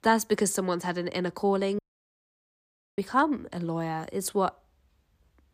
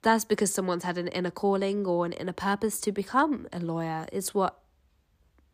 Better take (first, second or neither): second